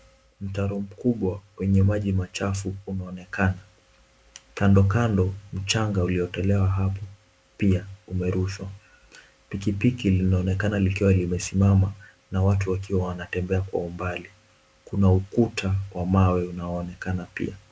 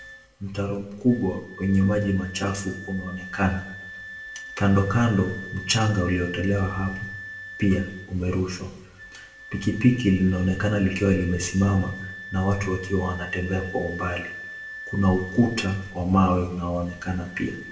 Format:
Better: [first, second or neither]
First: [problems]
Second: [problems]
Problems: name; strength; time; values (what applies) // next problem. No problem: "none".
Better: first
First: none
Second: background sound (Wind instrument, woodwind instrument); 15 dB below the speech // room echo; dies away in 0.6 s